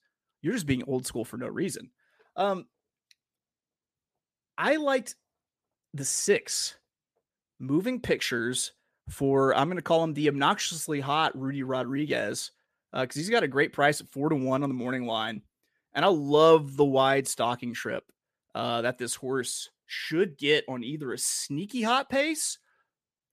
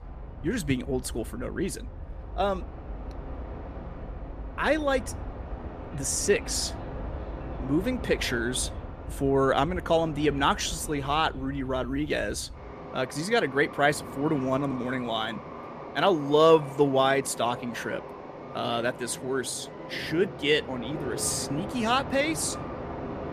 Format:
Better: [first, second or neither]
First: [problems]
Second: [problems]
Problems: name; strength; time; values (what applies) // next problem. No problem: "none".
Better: first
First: none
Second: train or aircraft noise; noticeable; throughout; 10 dB below the speech